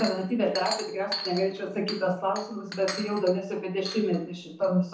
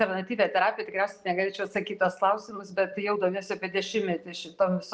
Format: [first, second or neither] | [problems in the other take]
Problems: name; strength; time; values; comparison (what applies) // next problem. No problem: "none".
second | background sound (Chink, clink); 11 dB below the speech // room echo; dies away in 0.6 s